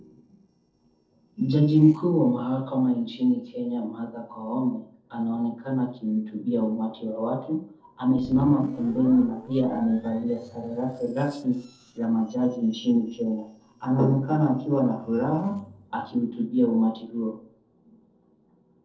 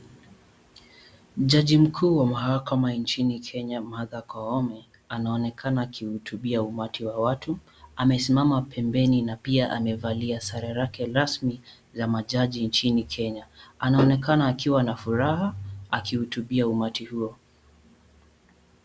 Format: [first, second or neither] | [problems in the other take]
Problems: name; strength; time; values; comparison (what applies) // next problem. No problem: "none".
second | noise reduction (neural separator model SepFormer DNS4)